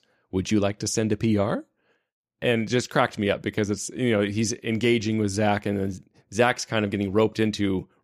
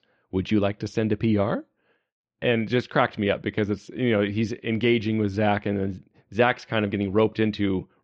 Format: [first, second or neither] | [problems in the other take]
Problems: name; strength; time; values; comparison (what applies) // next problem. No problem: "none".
first | muffled; slightly; fading above 4 kHz